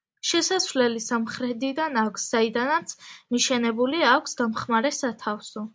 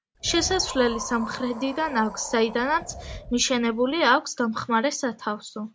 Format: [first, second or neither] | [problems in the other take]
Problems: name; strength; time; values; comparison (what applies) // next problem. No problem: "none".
first | background sound (Wind); 13 dB below the speech